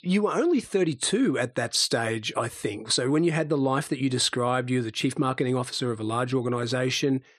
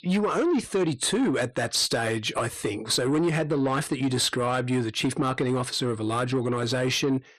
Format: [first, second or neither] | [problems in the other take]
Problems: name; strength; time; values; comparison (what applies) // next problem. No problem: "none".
first | distortion; slight; 10 dB below the speech